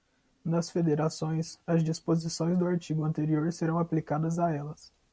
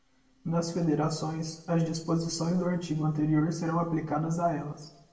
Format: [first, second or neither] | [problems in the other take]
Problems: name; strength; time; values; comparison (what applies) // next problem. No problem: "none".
first | room echo; dies away in 0.6 s